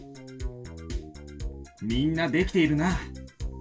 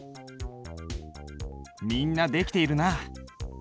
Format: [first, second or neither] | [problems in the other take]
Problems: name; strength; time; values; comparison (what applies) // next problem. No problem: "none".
second | room echo; dies away in 0.2 s